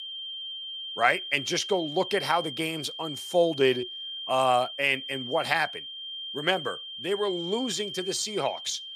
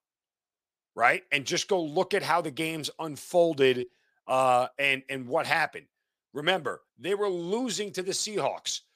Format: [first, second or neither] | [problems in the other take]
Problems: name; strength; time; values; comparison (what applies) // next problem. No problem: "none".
second | high-pitched whine; loud; throughout; 3 kHz, 8 dB below the speech